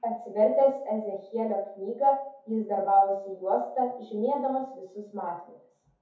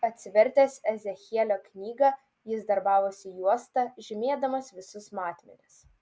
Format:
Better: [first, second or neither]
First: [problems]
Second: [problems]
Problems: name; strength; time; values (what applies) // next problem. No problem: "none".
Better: second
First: room echo; dies away in 0.5 s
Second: none